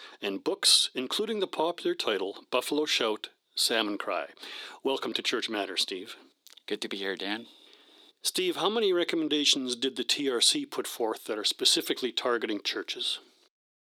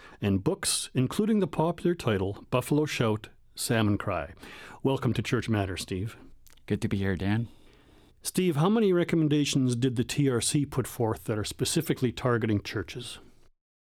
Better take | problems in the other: second | thin; somewhat; fading below 300 Hz

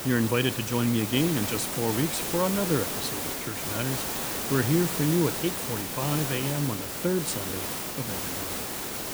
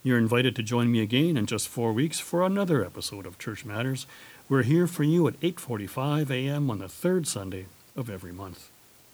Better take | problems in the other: second | hiss; loud; throughout; 2 dB below the speech; faint in the second

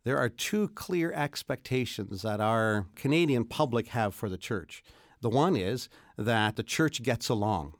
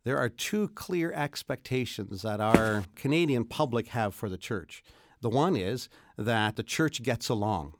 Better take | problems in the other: first | footsteps; loud; at 2.5 s; peak 3 dB above the speech

